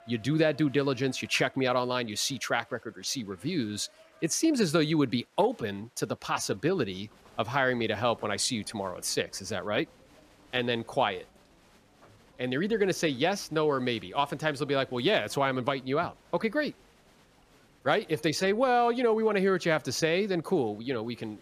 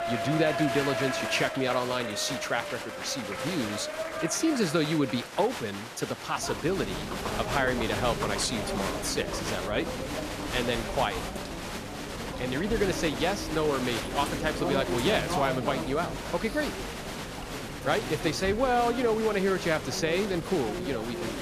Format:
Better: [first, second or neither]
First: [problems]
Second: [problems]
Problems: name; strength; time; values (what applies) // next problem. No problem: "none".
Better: first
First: crowd noise; faint; throughout; 30 dB below the speech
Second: crowd noise; loud; throughout; 4 dB below the speech